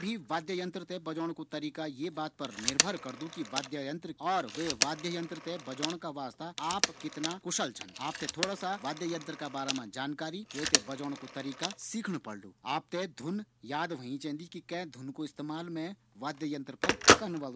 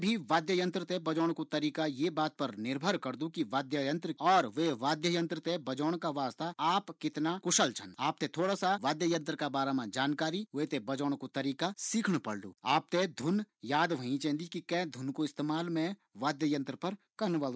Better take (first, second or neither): second